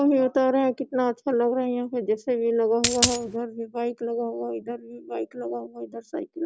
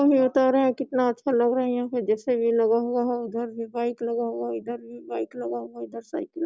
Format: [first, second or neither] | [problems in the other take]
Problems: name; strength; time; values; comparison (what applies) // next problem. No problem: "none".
second | background sound (Coin (dropping)); 1 dB above the speech